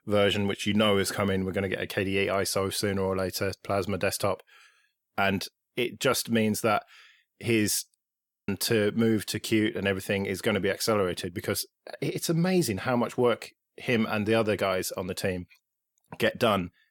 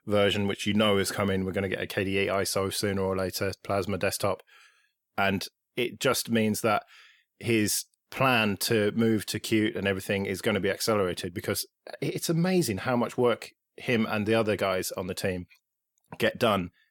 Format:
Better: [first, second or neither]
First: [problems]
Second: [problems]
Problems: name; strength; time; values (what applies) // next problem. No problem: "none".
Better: second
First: audio freezing; at 8 s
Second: none